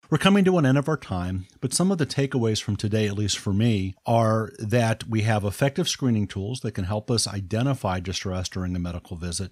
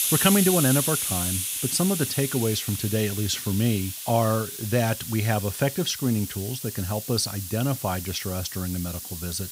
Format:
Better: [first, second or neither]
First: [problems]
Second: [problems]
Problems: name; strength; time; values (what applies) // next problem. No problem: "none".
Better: first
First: none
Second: hiss; loud; throughout; 3 dB below the speech